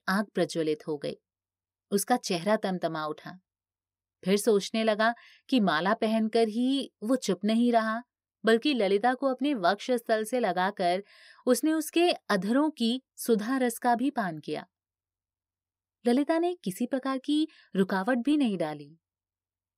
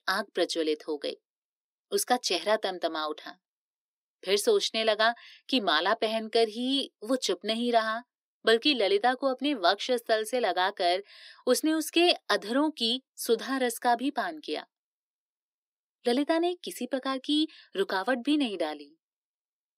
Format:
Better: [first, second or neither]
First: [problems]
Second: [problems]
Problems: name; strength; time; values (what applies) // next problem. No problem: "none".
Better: first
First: none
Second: thin; very slightly; fading below 250 Hz